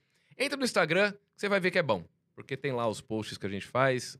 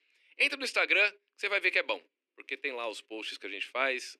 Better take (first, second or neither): first